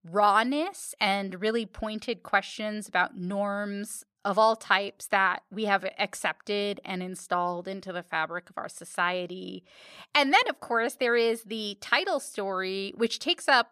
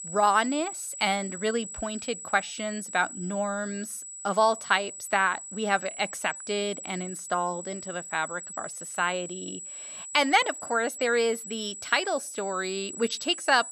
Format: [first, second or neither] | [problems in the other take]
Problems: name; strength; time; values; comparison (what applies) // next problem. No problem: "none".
first | high-pitched whine; loud; throughout; 8 kHz, 10 dB below the speech